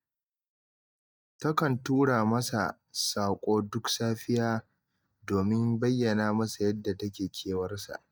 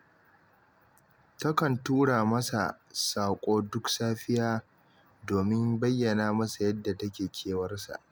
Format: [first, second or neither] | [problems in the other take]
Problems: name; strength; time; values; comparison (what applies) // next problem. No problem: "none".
second | noise reduction (neural mask model DeepFilterNet 3)